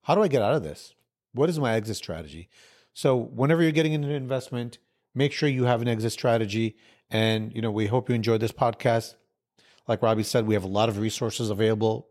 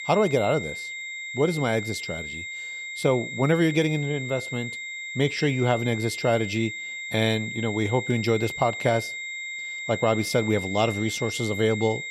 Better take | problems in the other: first | high-pitched whine; loud; throughout; 2 kHz, 7 dB below the speech

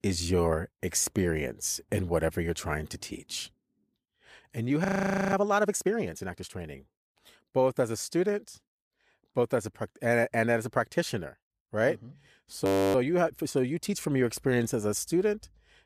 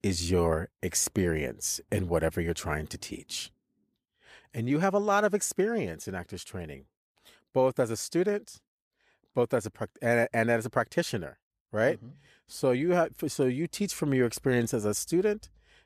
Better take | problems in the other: second | audio freezing; at 5 s and at 13 s

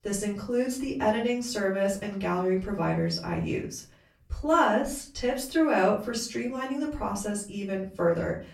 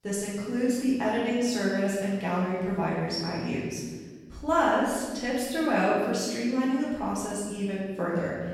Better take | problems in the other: first | room echo; strong; dies away in 1.3 s; slight in the first // off-mic speech; far; far in the first

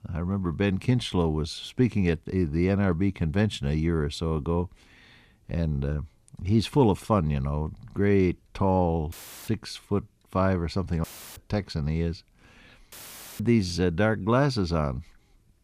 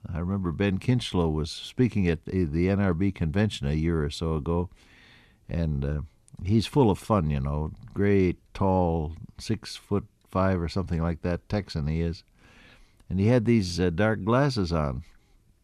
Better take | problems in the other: second | audio cutting out; filled with static; at 9 s, at 11 s and at 13 s

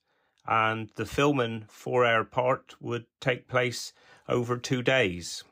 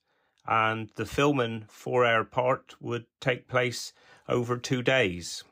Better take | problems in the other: neither | none

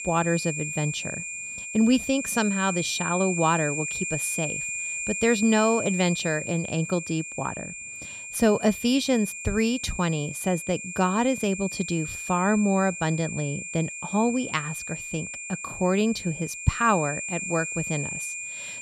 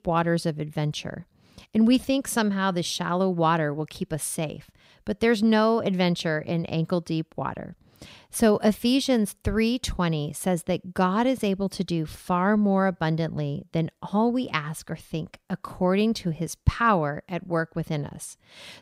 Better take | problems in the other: second | high-pitched whine; loud; throughout; 2.5 kHz, 6 dB below the speech

